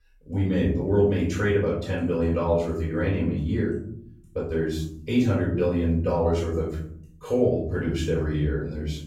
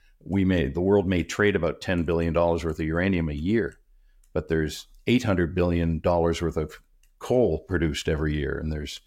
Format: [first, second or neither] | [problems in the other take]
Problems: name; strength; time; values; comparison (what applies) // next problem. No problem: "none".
second | off-mic speech; far // room echo; noticeable; dies away in 0.8 s